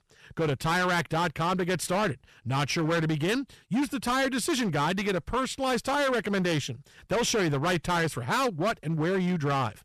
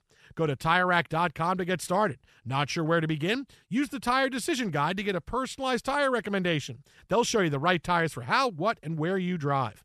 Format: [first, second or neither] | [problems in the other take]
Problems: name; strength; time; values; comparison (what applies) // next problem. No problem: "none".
second | distortion; heavy; 18% of the sound clipped